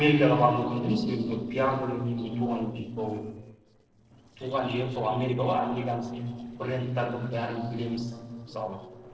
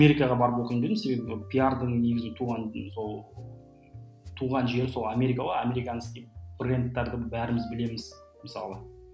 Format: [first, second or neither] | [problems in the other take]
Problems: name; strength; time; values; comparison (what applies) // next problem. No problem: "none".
second | noise reduction (neural separator model SepFormer DNS4)